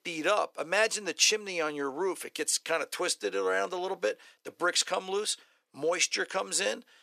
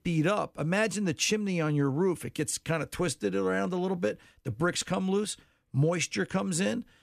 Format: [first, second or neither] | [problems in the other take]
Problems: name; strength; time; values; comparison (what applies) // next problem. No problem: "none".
second | thin; very; fading below 450 Hz